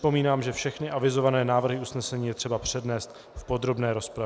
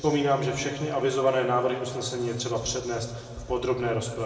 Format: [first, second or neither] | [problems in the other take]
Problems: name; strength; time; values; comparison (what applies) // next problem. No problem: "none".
first | room echo; dies away in 1.8 s